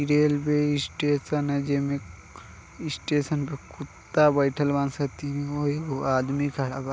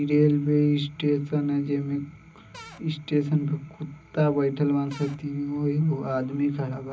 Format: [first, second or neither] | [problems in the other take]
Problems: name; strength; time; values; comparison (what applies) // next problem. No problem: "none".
first | background sound (Cupboard open or close / Door); 20 dB below the speech // room echo; dies away in 0.4 s